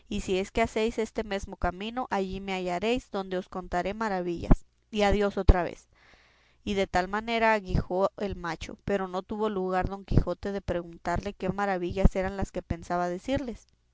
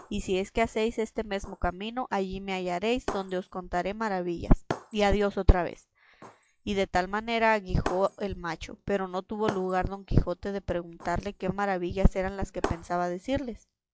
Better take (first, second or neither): first